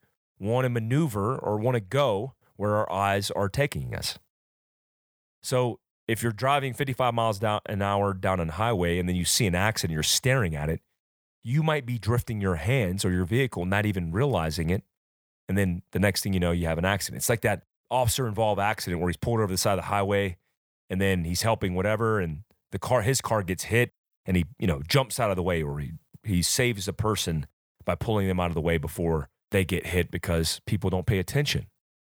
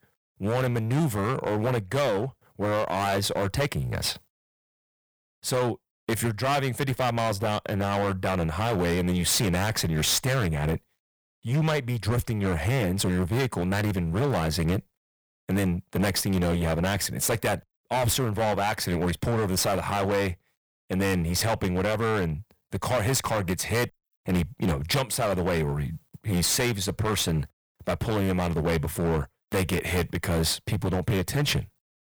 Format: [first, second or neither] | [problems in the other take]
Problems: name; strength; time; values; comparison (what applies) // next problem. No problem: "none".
first | distortion; heavy; 19% of the sound clipped